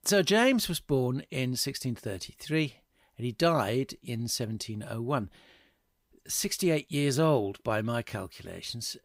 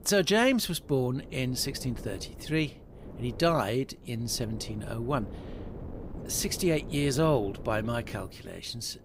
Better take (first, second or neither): first